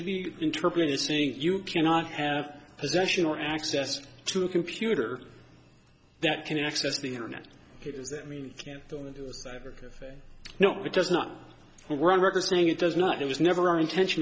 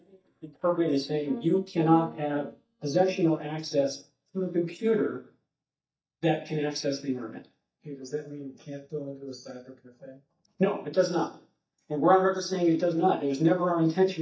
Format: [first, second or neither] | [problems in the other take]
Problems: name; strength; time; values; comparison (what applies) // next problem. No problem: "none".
first | noise reduction (neural mask model DeepFilterNet 3)